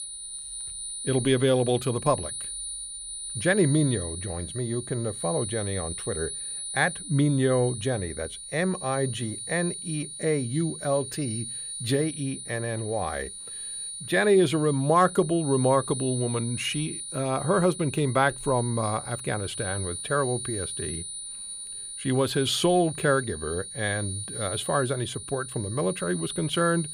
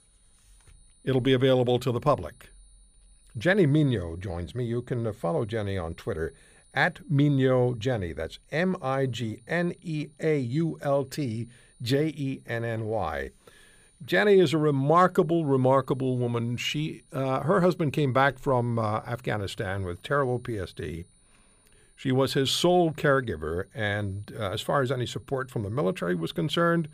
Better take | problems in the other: second | high-pitched whine; loud; throughout; 9.5 kHz, 7 dB below the speech; faint in the second

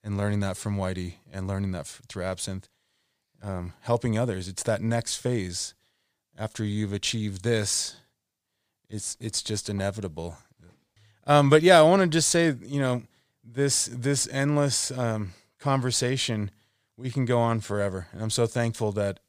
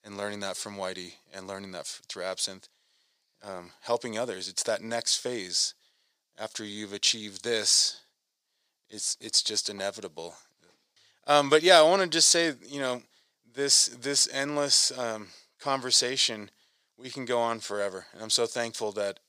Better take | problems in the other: first | thin; somewhat; fading below 350 Hz

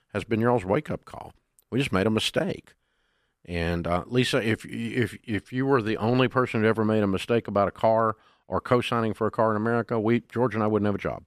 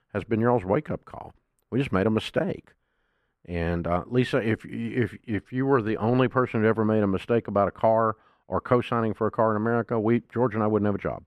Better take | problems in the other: first | muffled; slightly; fading above 2.5 kHz

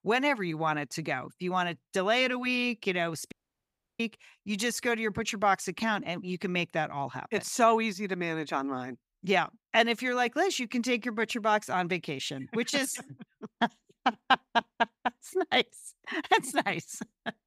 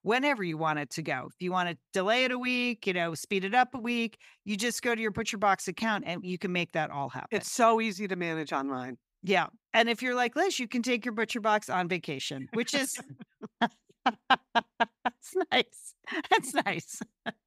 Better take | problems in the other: second | audio cutting out; at 3.5 s for 0.5 s

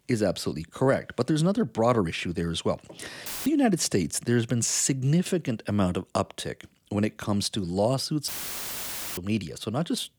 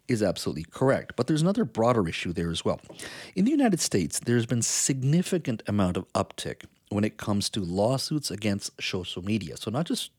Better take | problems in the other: second | audio cutting out; filled with static; at 3.5 s and at 8.5 s for 1 s

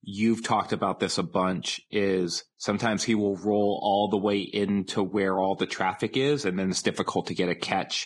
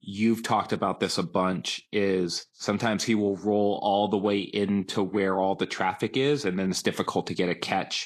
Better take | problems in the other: second | garbled, watery; badly; nothing above 10 kHz; slightly in the second

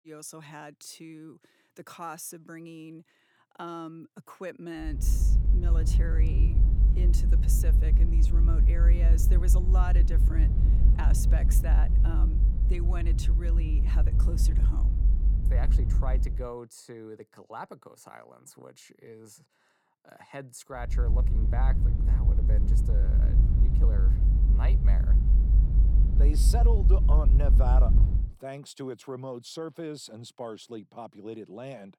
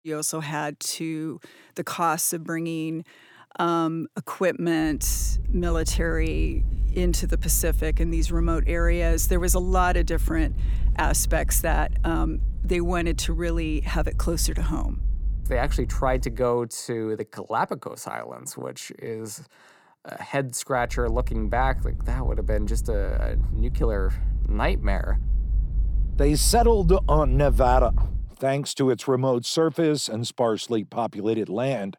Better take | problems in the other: second | low rumble; loud; from 5 to 16 s and from 21 to 28 s; 3 dB below the speech; faint in the second

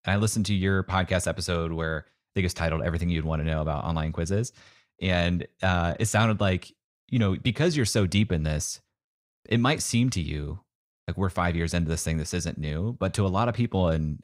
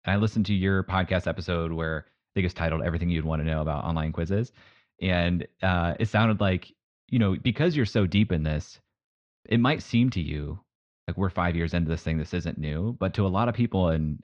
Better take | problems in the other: first | muffled; slightly; fading above 4 kHz

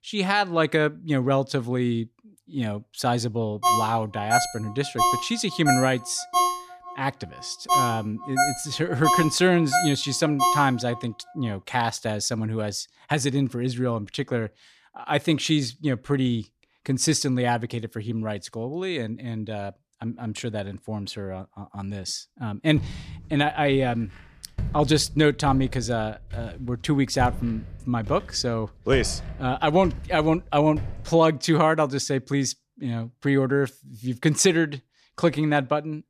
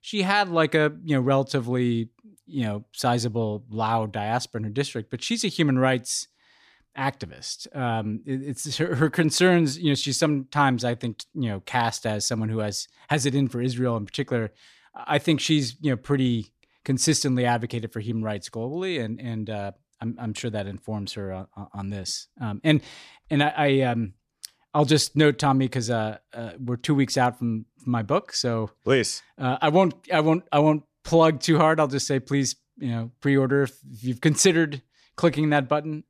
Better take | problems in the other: second | phone ringing; loud; from 3.5 to 11 s; peak 2 dB above the speech // footsteps; noticeable; from 23 to 31 s; peak 7 dB below the speech

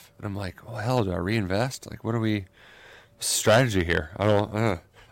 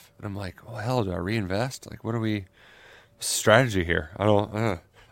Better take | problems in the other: second | distortion; slight; 1% of the sound clipped

